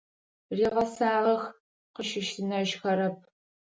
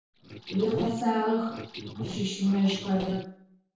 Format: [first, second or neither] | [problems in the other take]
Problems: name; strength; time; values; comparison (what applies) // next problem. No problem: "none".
first | noise reduction (neural separator model SepFormer DNS4)